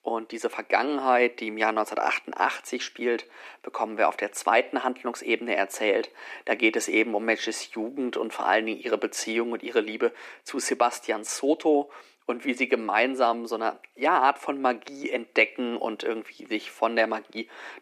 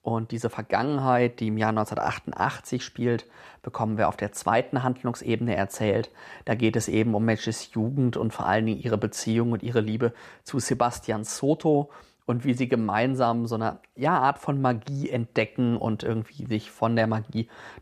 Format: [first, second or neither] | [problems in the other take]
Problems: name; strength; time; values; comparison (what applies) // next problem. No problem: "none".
second | thin; somewhat; fading below 300 Hz